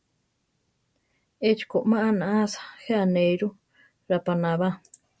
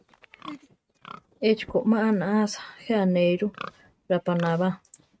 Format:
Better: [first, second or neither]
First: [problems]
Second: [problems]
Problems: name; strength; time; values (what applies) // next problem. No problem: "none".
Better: first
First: none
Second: noise reduction (neural mask model RNNoise)